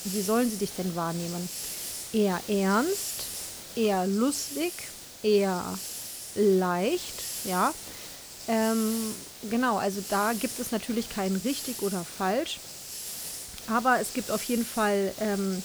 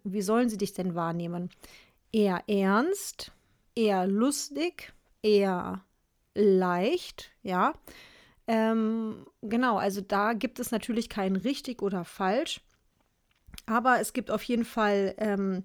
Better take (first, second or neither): second